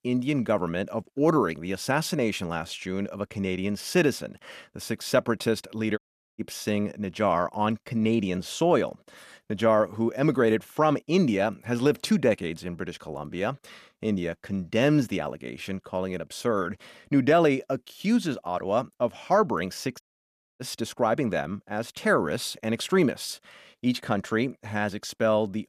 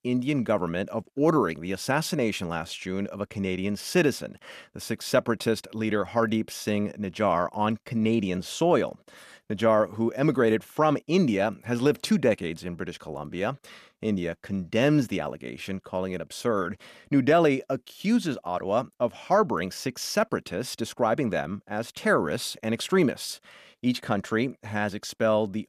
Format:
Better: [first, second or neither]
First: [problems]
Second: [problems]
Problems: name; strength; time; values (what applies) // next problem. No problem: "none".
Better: second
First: audio cutting out; at 6 s and at 20 s for 0.5 s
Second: none